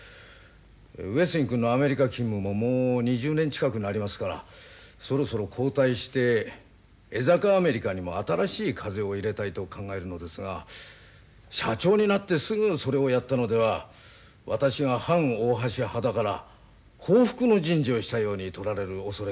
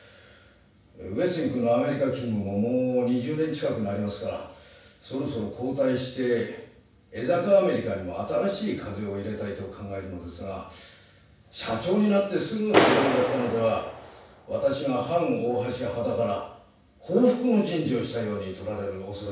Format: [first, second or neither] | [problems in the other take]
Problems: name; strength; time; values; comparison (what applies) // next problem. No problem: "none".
first | background sound (Clapping); 1 dB below the speech // room echo; dies away in 0.7 s